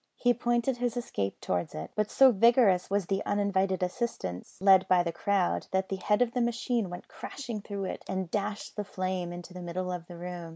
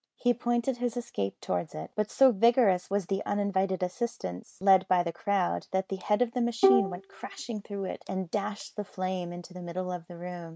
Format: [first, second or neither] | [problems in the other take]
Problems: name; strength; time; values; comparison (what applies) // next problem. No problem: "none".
first | noise reduction (neural mask model RNNoise)